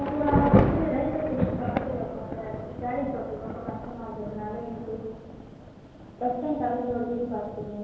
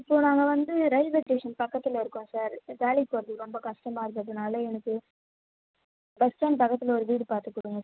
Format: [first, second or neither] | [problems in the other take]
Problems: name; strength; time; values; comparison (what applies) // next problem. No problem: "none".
second | background sound (Thunder / Rain); as loud as the speech // room echo; dies away in 1.2 s